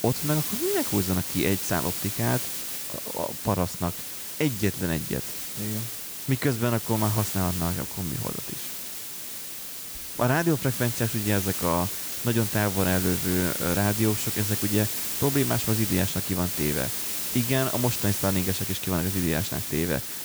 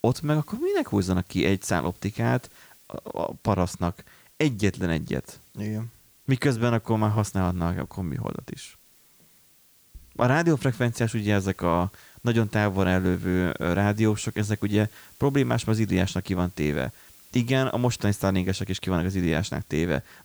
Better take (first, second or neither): second